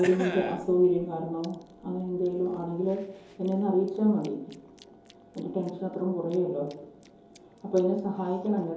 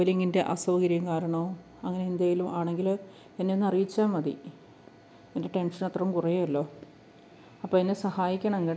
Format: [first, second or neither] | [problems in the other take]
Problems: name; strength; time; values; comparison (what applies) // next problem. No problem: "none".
second | background sound (Chewing, mastication / Cough); 18 dB below the speech // room echo; dies away in 2.8 s